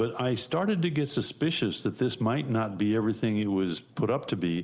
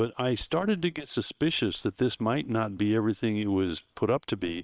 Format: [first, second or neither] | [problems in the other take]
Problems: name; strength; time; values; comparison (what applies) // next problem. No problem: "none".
first | noise reduction (neural separator model SepFormer WHAM!)